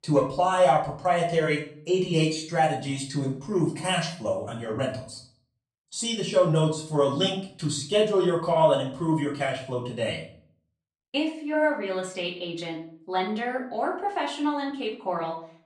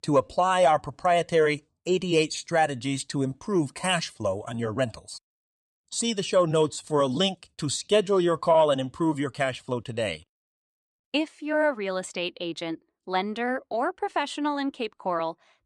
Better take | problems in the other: second | off-mic speech; far // room echo; slight; dies away in 0.4 s

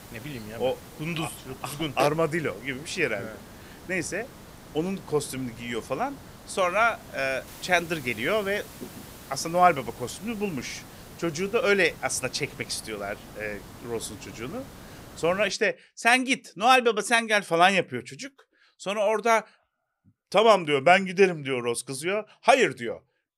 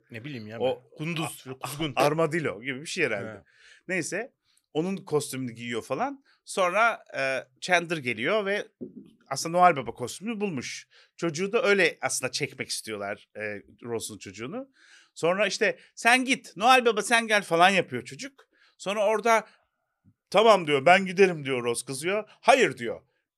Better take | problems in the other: second | hiss; noticeable; until 16 s; 20 dB below the speech

